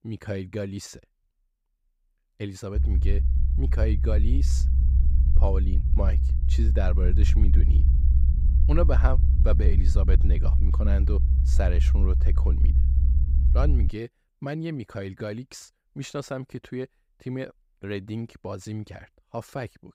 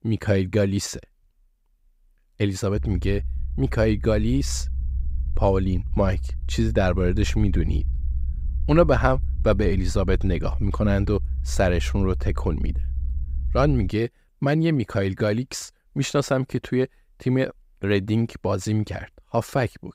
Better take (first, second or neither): second